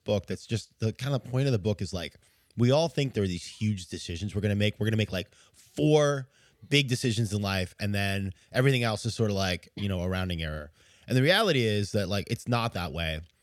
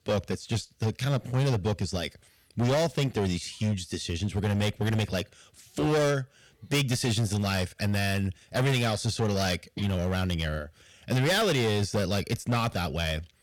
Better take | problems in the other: first | distortion; heavy; 14% of the sound clipped

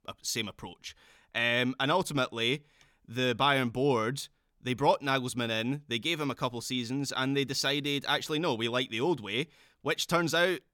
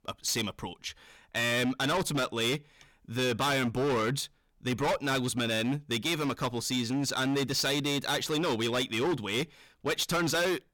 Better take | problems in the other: first | distortion; heavy; 18% of the sound clipped

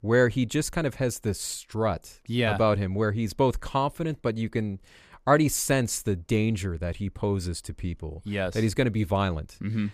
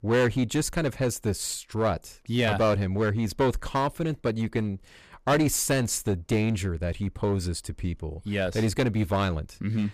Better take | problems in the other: first | distortion; slight; 6% of the sound clipped

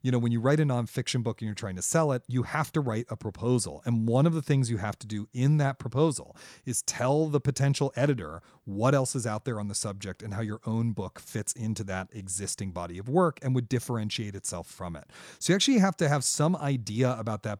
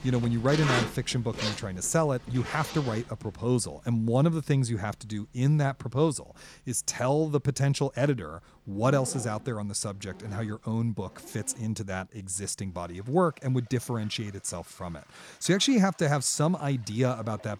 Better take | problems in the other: first | household noises; loud; throughout; 8 dB below the speech

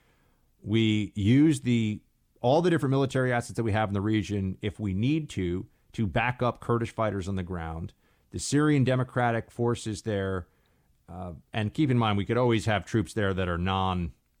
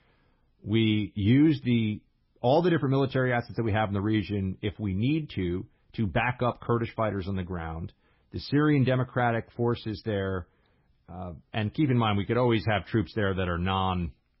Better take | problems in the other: first | garbled, watery; badly; nothing above 5.5 kHz

